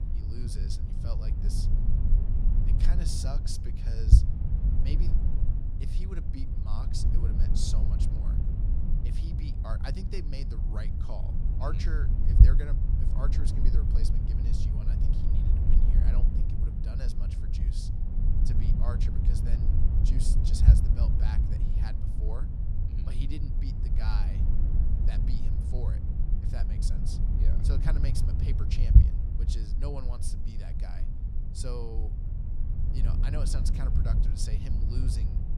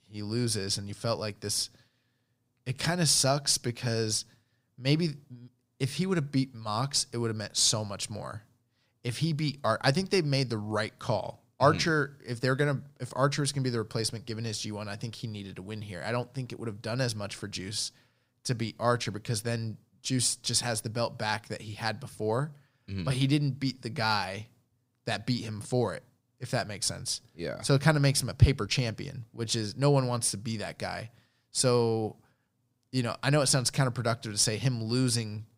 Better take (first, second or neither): second